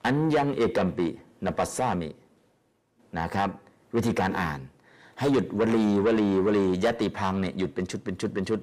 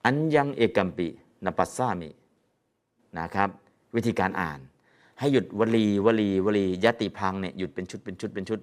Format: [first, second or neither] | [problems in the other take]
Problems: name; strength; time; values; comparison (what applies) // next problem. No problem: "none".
second | distortion; heavy; 6 dB below the speech